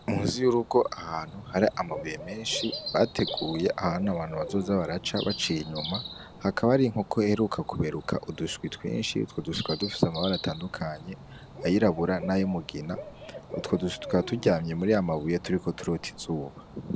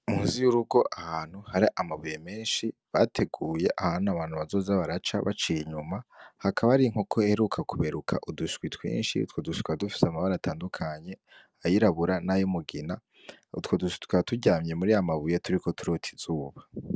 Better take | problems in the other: second | background sound (Cricket / Bird + Bird); 13 dB below the speech

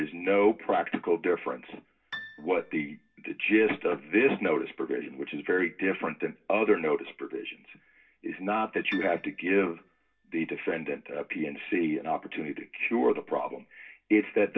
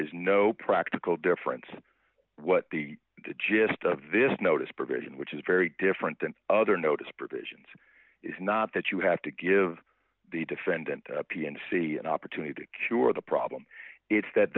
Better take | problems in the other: second | background sound (Piano); 18 dB below the speech // room echo; dies away in 0.2 s

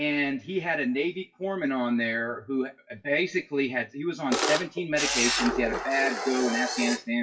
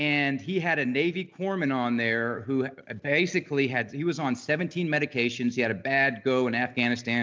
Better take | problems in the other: second | noise reduction (classical method WPE with log-MMSE)

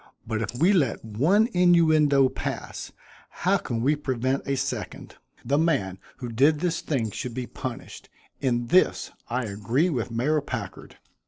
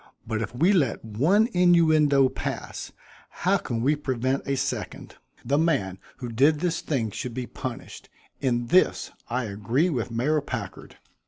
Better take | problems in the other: second | noise reduction (neural separator model SepFormer DNS4)

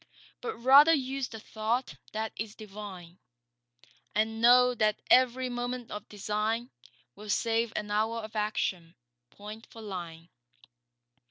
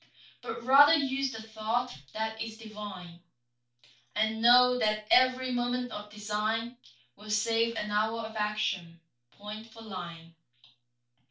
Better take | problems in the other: first | room echo; dies away in 0.2 s

